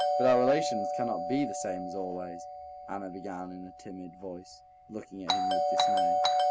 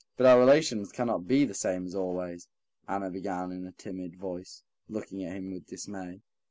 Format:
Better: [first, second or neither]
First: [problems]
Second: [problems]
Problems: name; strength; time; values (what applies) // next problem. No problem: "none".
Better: second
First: background sound (Doorbell); 3 dB above the speech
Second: none